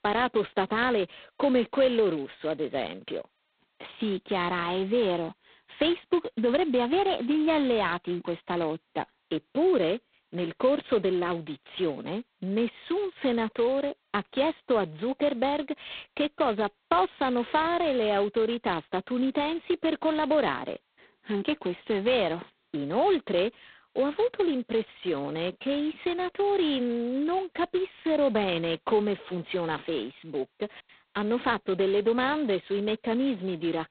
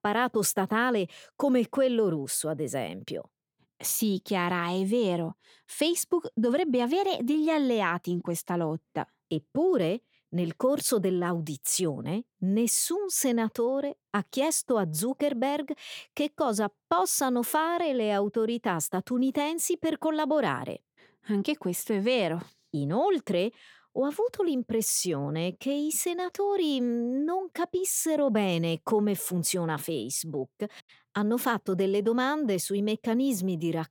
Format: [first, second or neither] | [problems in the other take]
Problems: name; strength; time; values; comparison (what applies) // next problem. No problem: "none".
second | phone-call audio; poor line; nothing above 4 kHz